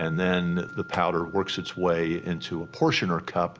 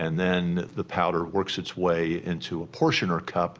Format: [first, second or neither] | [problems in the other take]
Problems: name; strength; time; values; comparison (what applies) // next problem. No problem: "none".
second | background sound (Wind chime + Clapping); 17 dB below the speech